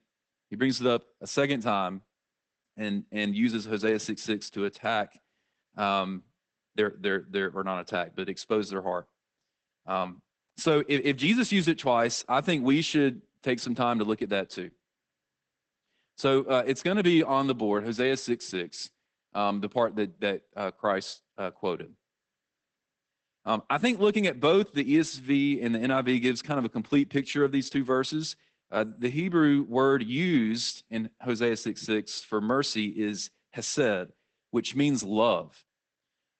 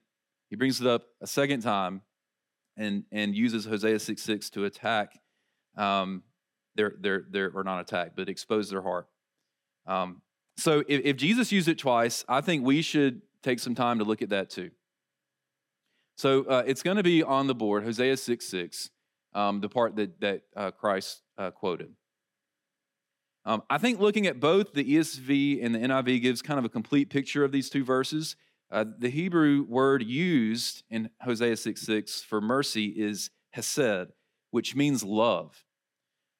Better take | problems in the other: second | garbled, watery; badly; nothing above 8 kHz

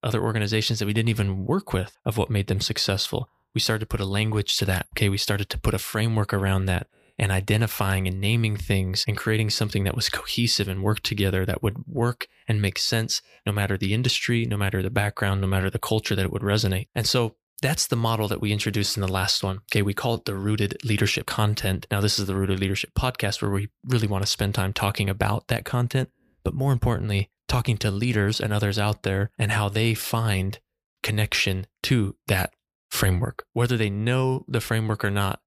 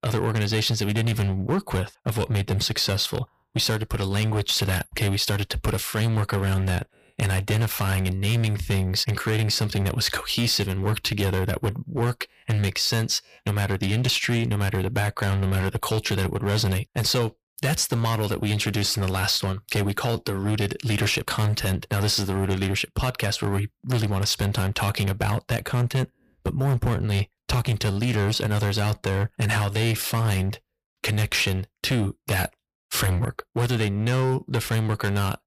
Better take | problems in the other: first | distortion; slight; 13% of the sound clipped

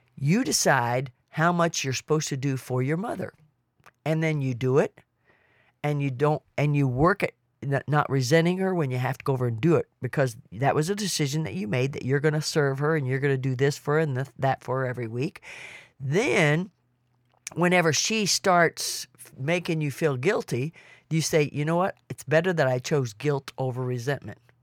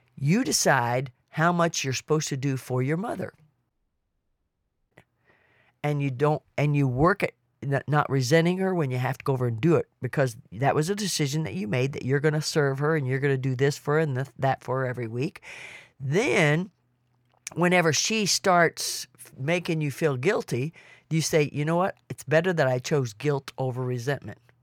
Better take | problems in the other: first | audio cutting out; at 3.5 s for 1 s

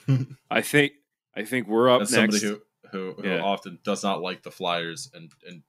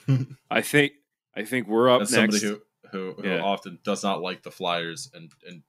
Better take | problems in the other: neither | none

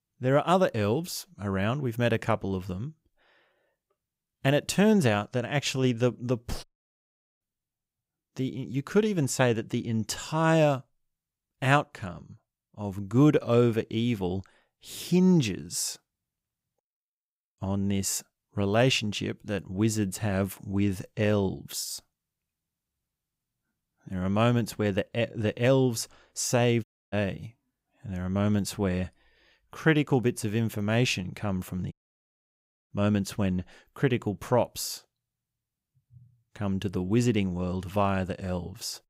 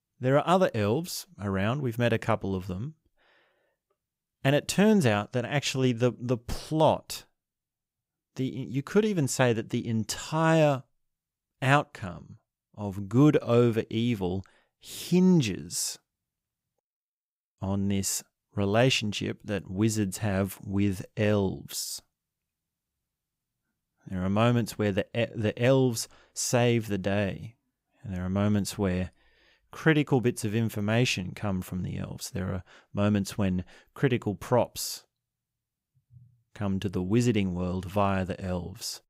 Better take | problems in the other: second | audio cutting out; at 6.5 s for 1 s, at 27 s and at 32 s for 1 s

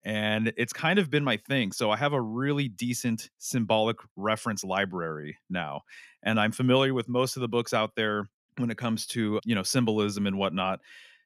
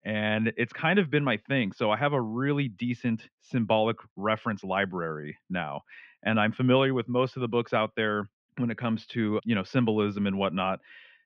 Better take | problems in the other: first | muffled; very; fading above 3 kHz

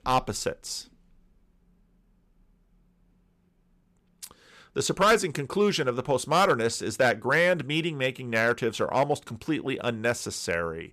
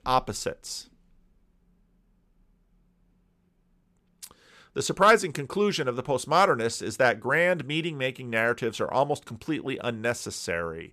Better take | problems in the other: second | distortion; slight; 1.7% of the sound clipped

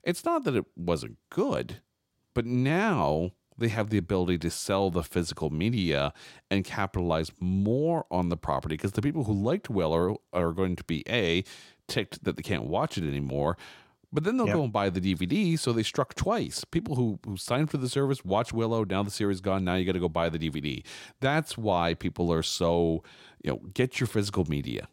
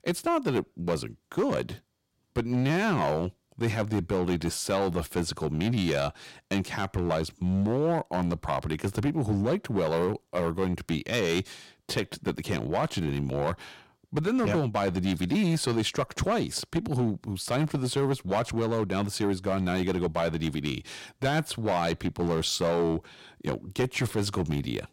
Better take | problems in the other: first | distortion; slight; 7% of the sound clipped

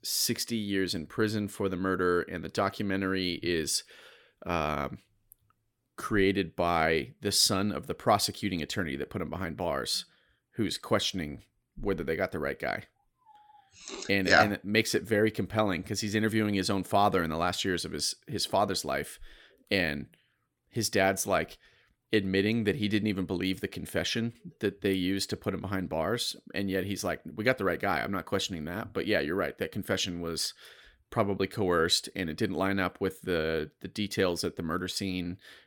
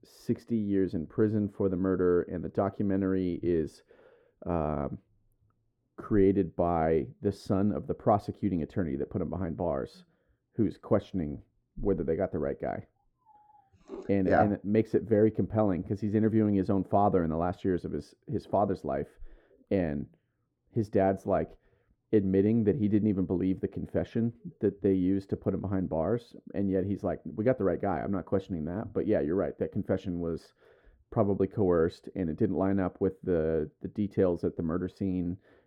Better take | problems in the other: first | muffled; very; fading above 1.5 kHz

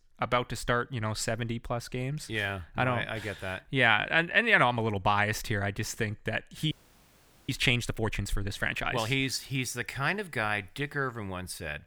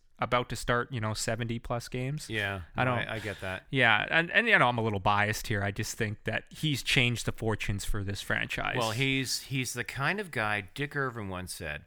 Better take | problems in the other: second | audio freezing; at 6.5 s for 1 s

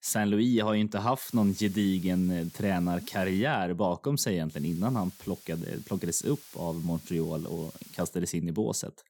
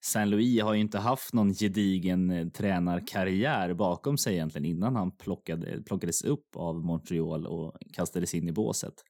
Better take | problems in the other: second | hiss; noticeable; from 1 to 3.5 s and from 4.5 to 8 s; 20 dB below the speech

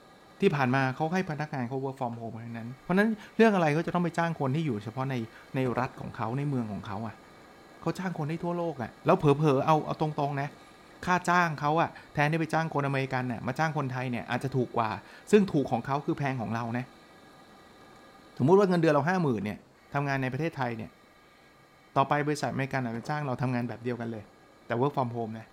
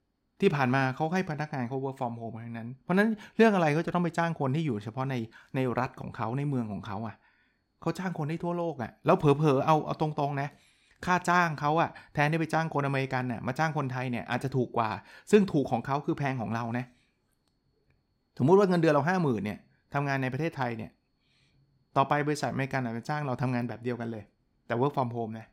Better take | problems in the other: second | hiss; faint; throughout; 25 dB below the speech

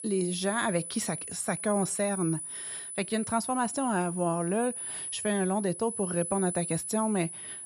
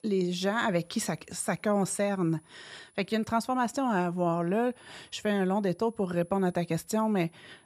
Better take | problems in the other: second | high-pitched whine; loud; throughout; 10 kHz, 5 dB below the speech; faint in the second

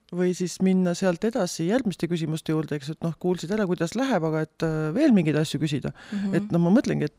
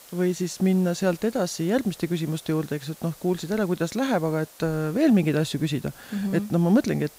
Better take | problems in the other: first | hiss; faint; throughout; 20 dB below the speech

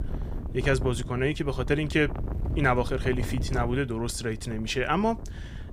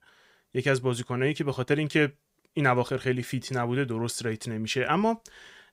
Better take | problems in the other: second | wind noise on the microphone; occasional gusts; 15 dB below the speech

